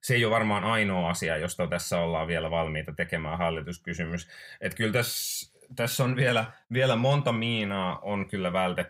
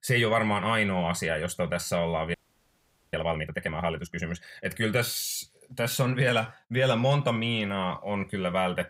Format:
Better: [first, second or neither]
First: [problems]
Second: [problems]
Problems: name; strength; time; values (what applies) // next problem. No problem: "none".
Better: first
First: none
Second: audio freezing; at 2.5 s for 1 s